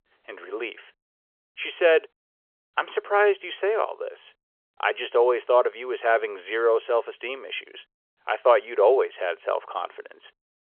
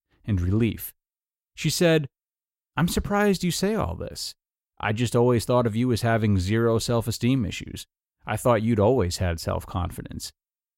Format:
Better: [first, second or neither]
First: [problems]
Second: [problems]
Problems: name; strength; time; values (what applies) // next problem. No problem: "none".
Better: second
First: phone-call audio; nothing above 3.5 kHz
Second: none